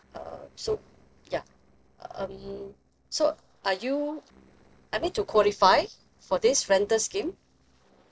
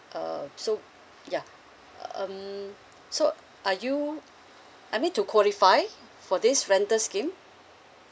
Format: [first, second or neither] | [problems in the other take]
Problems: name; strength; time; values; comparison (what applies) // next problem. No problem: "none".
second | noise reduction (neural separator model SepFormer DNS4)